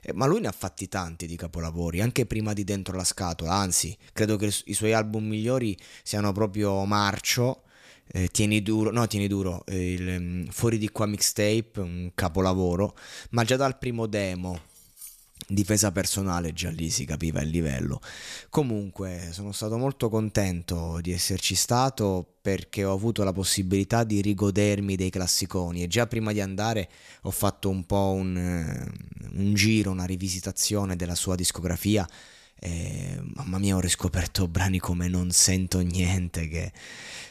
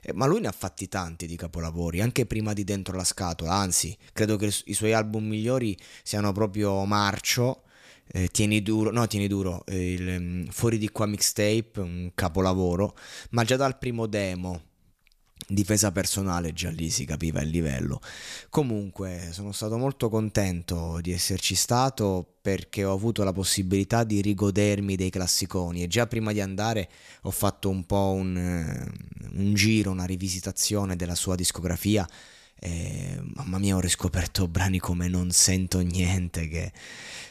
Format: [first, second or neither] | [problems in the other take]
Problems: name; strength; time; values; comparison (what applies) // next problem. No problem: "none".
second | clattering dishes; faint; from 14 to 16 s; peak 15 dB below the speech